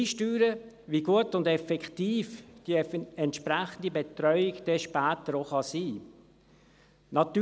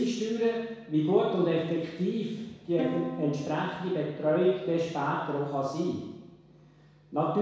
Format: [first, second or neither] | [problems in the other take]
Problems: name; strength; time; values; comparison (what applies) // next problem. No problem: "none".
first | background sound (Plucked string instrument); 13 dB below the speech // room echo; dies away in 1.1 s